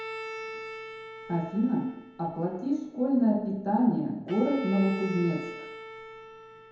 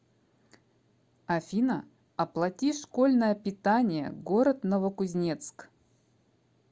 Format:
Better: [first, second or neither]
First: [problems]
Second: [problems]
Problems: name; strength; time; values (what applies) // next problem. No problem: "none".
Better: second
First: background sound (Bowed string instrument); 12 dB below the speech // room echo; dies away in 0.9 s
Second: none